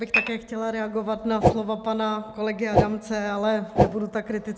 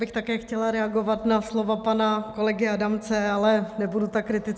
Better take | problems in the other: second | background sound (Whoosh, swoosh, swish + Dishes, pots, and pans / Glass); 5 dB above the speech

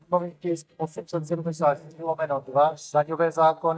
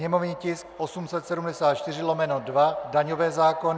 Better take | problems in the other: second | noise reduction (neural mask model DeepFilterNet 3)

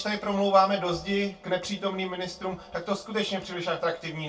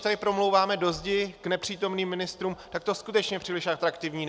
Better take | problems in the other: second | room echo; dies away in 0.2 s

